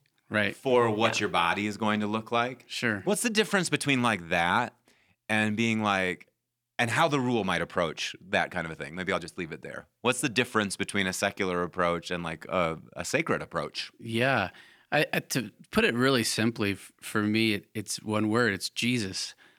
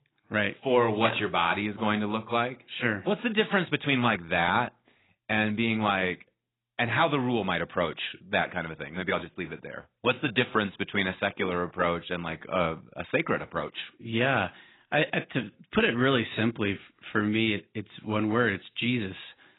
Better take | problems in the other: first | garbled, watery; badly; nothing above 4 kHz

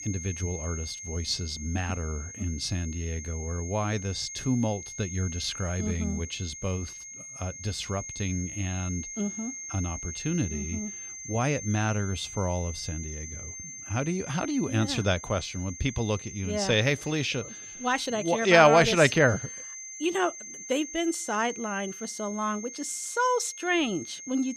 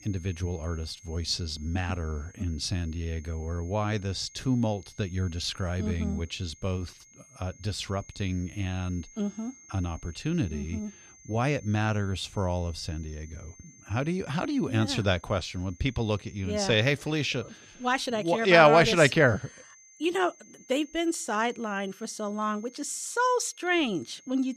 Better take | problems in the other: second | high-pitched whine; loud; throughout; 6.5 kHz, 10 dB below the speech; faint in the second

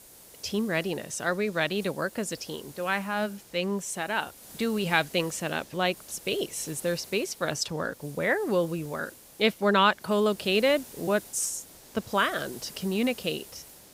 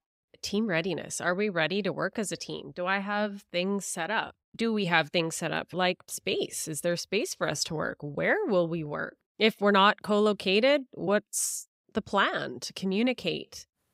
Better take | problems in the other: second | hiss; noticeable; throughout; 20 dB below the speech

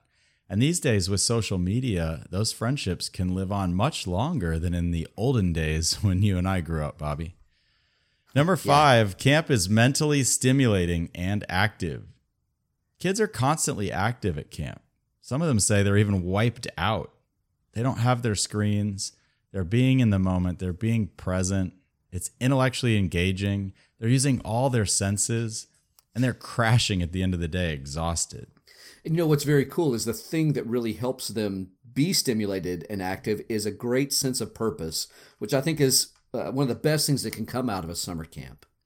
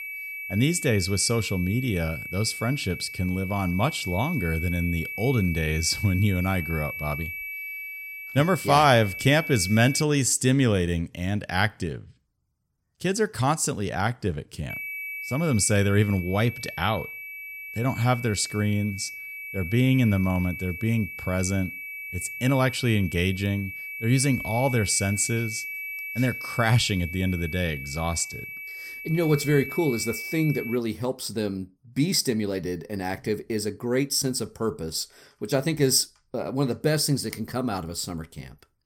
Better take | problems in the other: first | high-pitched whine; loud; until 10 s and from 15 to 31 s; 2.5 kHz, 8 dB below the speech

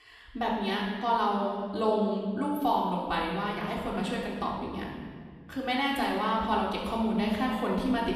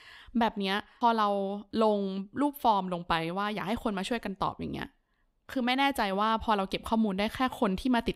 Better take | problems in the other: second | off-mic speech; far // room echo; noticeable; dies away in 1.7 s

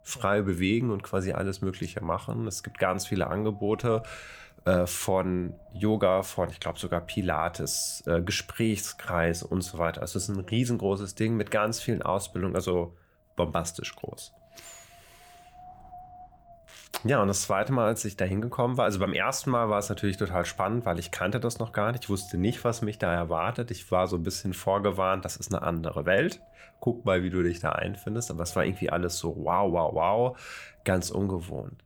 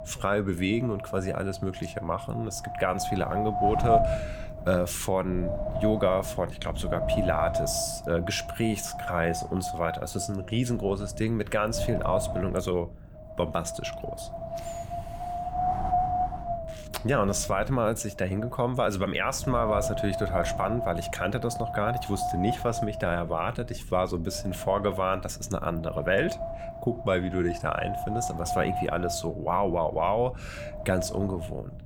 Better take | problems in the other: first | wind noise on the microphone; heavy; 2 dB below the speech; occasional gusts in the first

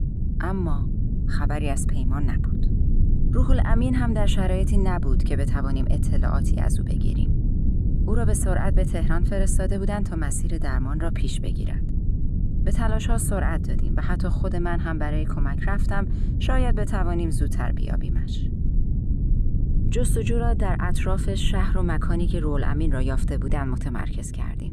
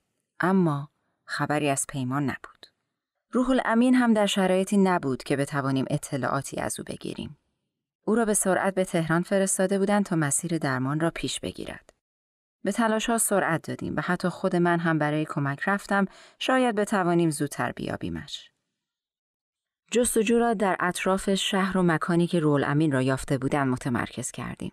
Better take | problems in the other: second | low rumble; loud; throughout; 7 dB below the speech

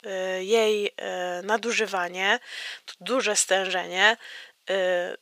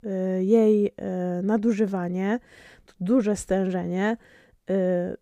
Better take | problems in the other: second | thin; very; fading below 900 Hz

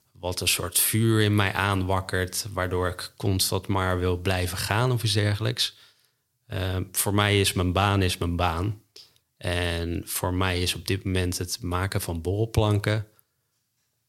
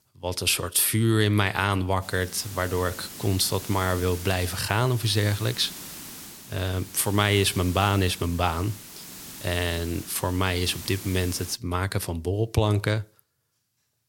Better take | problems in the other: first | hiss; noticeable; from 2 to 12 s; 15 dB below the speech

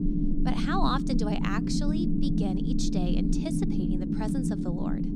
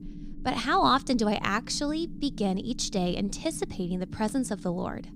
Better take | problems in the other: second | low rumble; loud; throughout; as loud as the speech; faint in the second

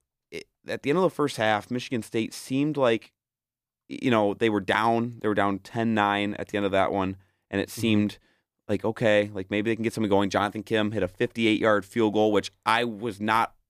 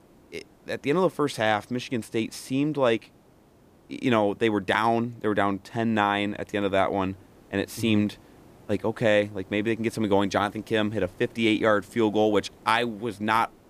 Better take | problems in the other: first | hiss; faint; throughout; 30 dB below the speech

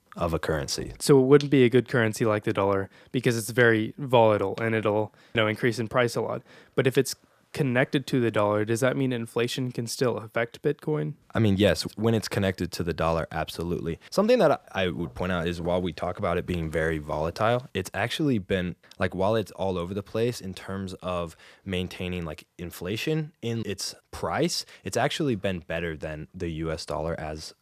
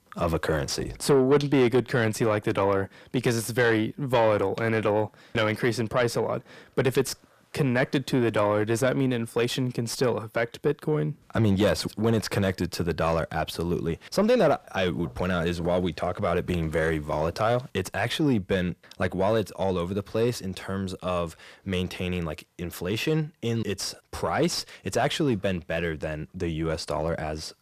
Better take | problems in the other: first | distortion; slight; 10 dB below the speech

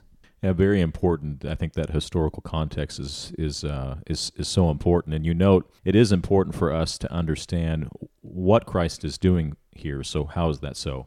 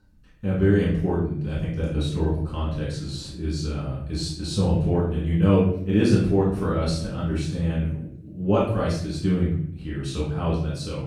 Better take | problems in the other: first | off-mic speech; far // room echo; noticeable; dies away in 0.7 s

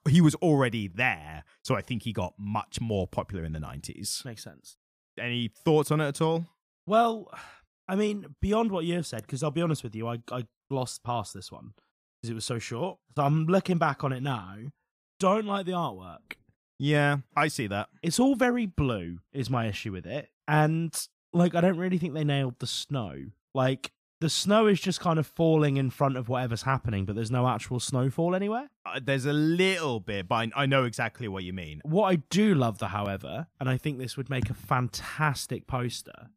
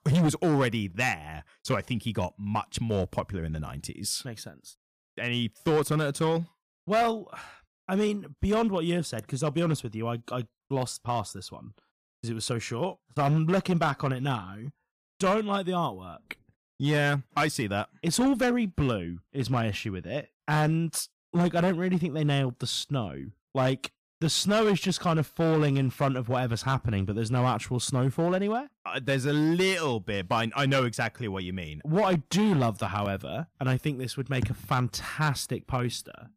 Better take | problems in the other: first | distortion; slight; 5% of the sound clipped

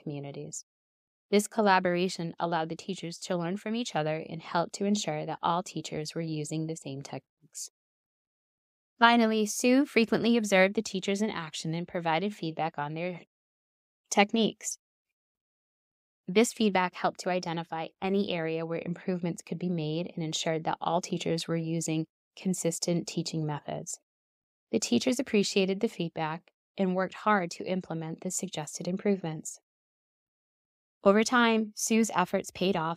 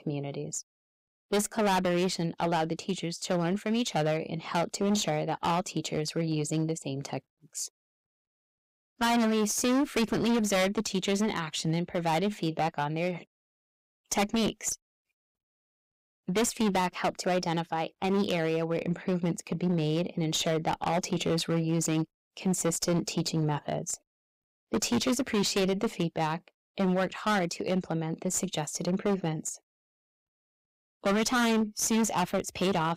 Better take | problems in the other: first | distortion; heavy; 13% of the sound clipped

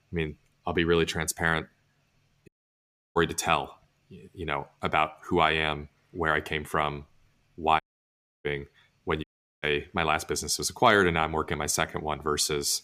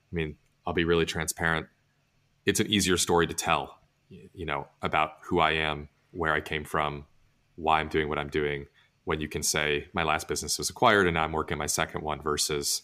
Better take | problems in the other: second | audio cutting out; at 2.5 s for 0.5 s, at 8 s for 0.5 s and at 9 s

